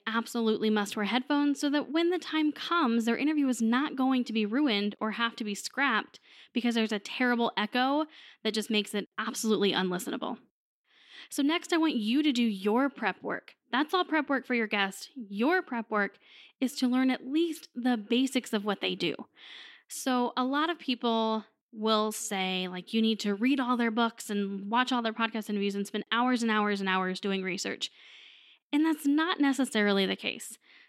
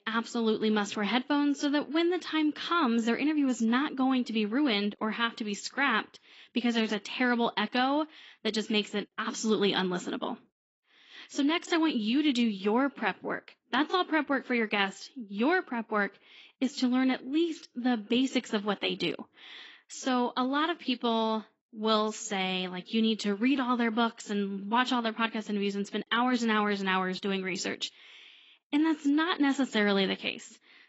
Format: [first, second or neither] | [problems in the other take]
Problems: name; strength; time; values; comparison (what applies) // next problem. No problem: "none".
first | garbled, watery; badly; nothing above 7.5 kHz